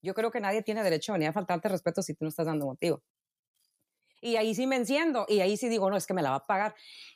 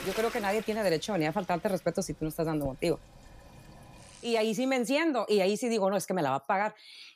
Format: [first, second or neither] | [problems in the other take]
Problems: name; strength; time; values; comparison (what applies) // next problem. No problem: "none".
first | household noises; noticeable; until 4.5 s; 20 dB below the speech